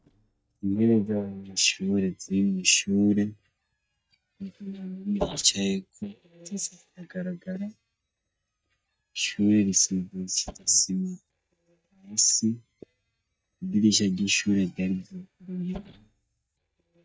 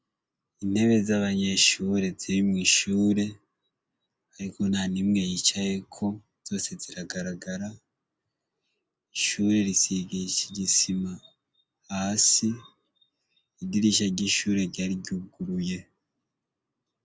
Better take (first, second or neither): second